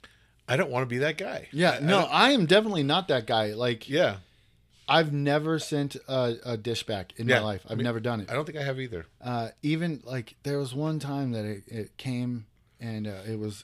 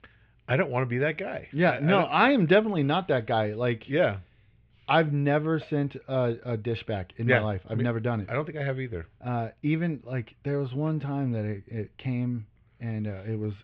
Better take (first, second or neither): first